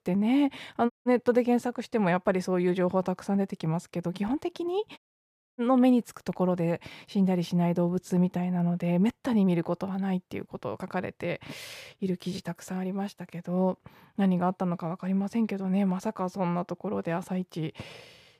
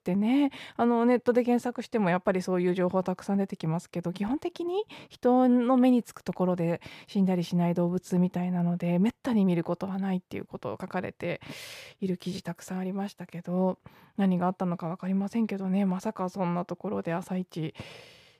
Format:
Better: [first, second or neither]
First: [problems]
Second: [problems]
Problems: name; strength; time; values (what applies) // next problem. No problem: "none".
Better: second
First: audio cutting out; at 1 s and at 5 s for 0.5 s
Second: none